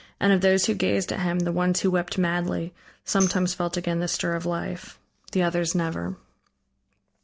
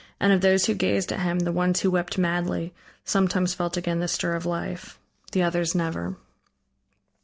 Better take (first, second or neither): second